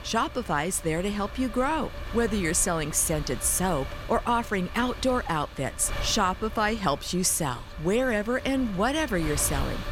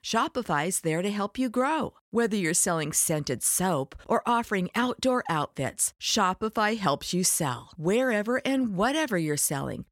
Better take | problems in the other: second | wind noise on the microphone; occasional gusts; 15 dB below the speech

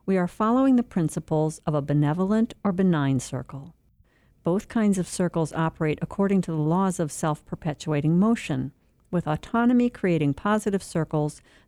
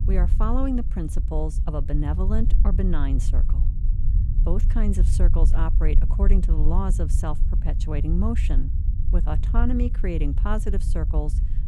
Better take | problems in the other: first | low rumble; loud; throughout; 10 dB below the speech

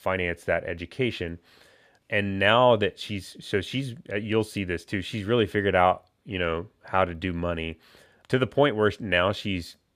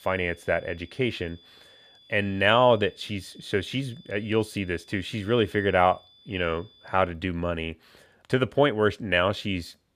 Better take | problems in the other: first | high-pitched whine; faint; until 7 s; 3.5 kHz, 25 dB below the speech

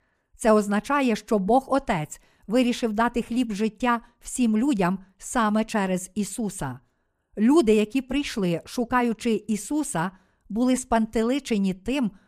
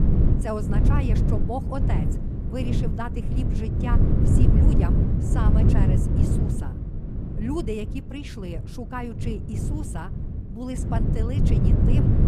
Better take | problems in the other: first | wind noise on the microphone; heavy; 1 dB above the speech

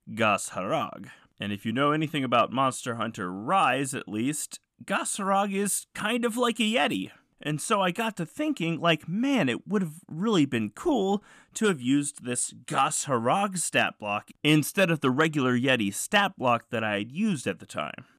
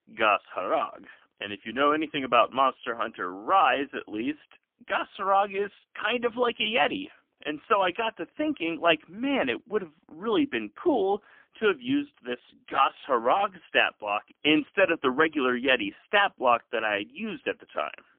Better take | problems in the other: first | phone-call audio; poor line; nothing above 3 kHz

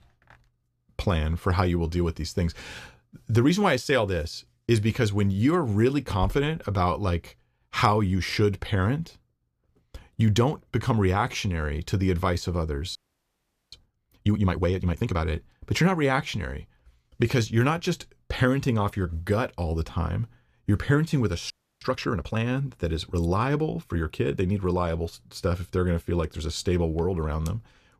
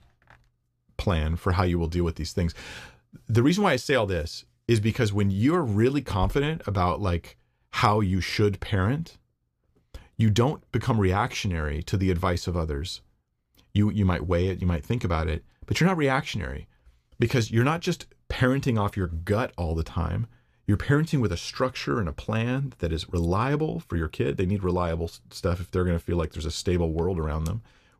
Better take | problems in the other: second | audio freezing; at 13 s for 1 s and at 22 s

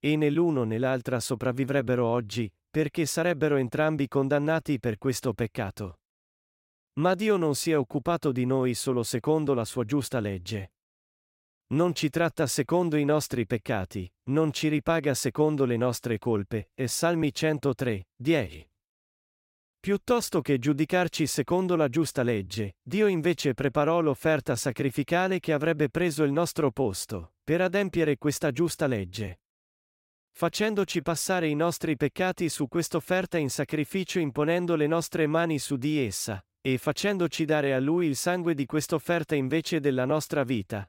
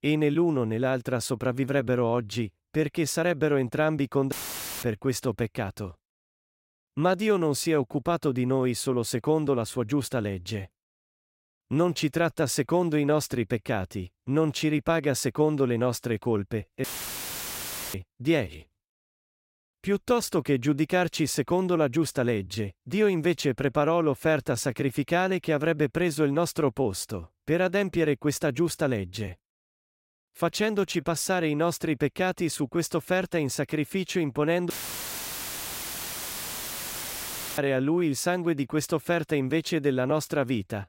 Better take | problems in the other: first | audio cutting out; filled with static; at 4.5 s for 0.5 s, at 17 s for 1 s and at 35 s for 3 s

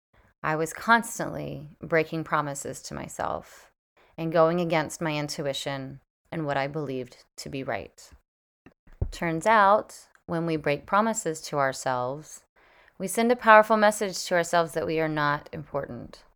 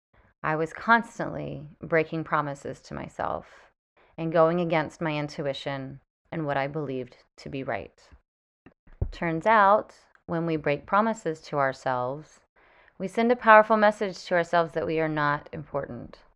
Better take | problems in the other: first | muffled; slightly; fading above 3.5 kHz

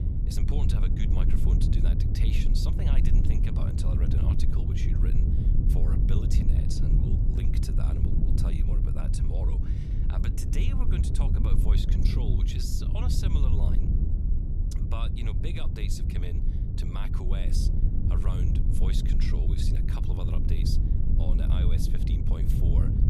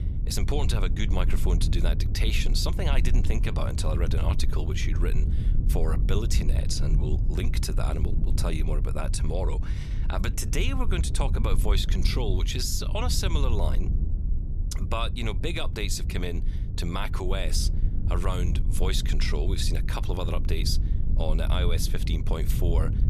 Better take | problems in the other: second | wind noise on the microphone; heavy; 1 dB above the speech; occasional gusts in the second

